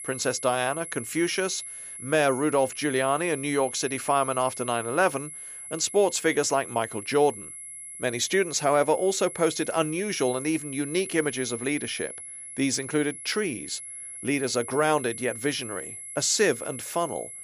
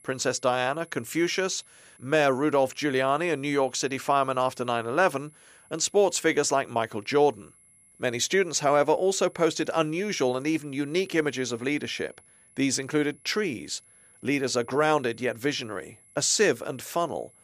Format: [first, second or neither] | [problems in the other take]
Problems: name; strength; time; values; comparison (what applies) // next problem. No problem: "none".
second | high-pitched whine; loud; throughout; 11 kHz, 10 dB below the speech; faint in the second